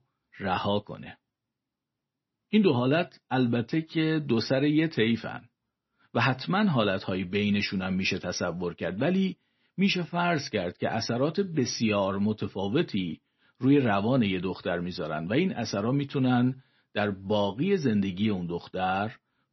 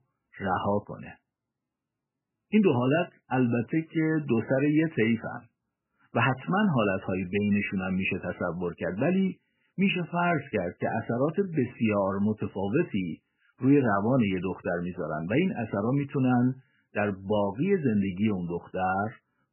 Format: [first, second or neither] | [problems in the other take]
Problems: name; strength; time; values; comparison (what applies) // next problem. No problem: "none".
first | garbled, watery; badly; nothing above 3 kHz; slightly in the first